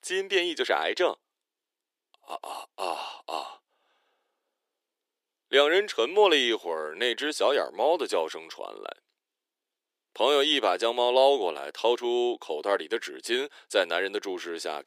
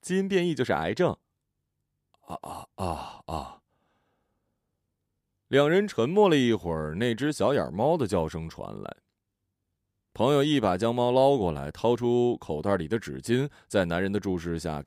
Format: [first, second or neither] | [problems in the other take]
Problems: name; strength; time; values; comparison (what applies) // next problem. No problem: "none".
second | thin; very; fading below 350 Hz